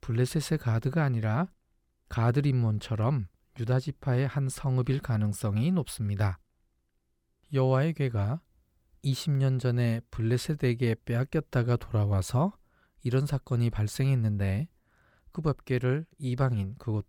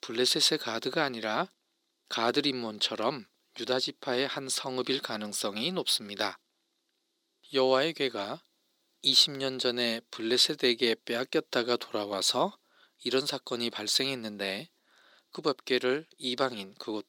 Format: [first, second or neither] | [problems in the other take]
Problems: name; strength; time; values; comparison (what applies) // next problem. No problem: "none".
first | thin; very; fading below 300 Hz